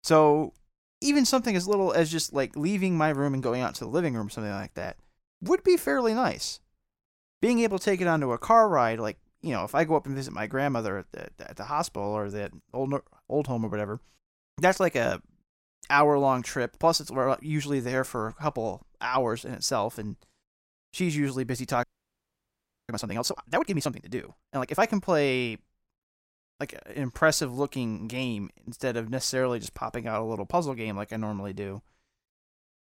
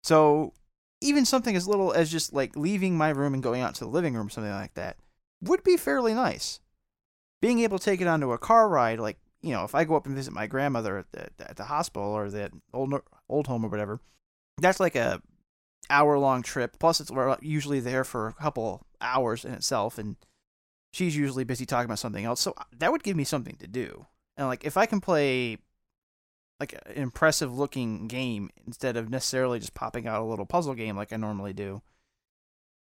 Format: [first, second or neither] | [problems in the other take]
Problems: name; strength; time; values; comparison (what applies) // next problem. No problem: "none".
second | audio freezing; at 22 s for 1 s